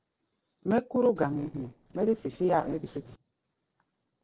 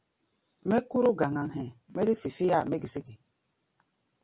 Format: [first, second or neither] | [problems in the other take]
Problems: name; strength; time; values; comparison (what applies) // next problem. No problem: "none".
second | noise reduction (neural separator model SepFormer DNS4)